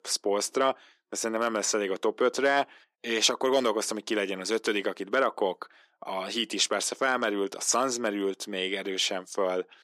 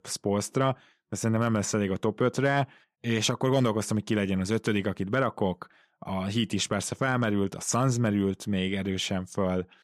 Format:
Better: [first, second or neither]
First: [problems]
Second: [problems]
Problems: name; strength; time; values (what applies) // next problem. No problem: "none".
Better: second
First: thin; somewhat; fading below 300 Hz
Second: none